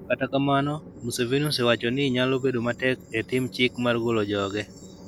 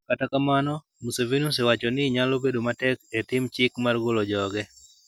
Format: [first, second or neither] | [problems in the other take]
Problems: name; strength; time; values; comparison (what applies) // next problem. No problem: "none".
second | background sound (Train); 20 dB below the speech